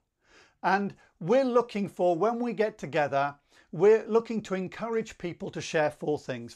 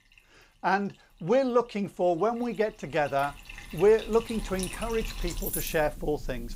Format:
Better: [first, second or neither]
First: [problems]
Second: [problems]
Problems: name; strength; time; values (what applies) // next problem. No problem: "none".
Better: first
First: none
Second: household noises; noticeable; throughout; 10 dB below the speech